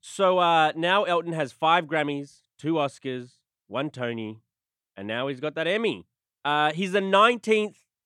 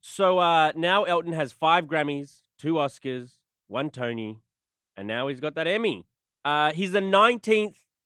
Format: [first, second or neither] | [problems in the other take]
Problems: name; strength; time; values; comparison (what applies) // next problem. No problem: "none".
first | garbled, watery; slightly